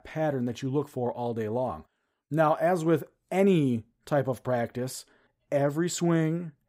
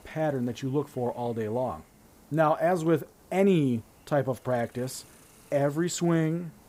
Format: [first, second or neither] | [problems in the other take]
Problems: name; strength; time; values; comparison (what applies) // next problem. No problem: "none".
first | hiss; faint; throughout; 25 dB below the speech